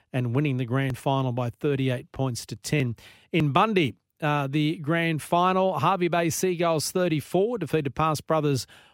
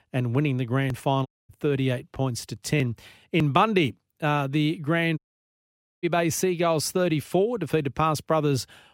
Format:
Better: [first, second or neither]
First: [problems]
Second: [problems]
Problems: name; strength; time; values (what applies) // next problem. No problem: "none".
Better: first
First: none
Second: audio cutting out; at 1.5 s and at 5 s for 1 s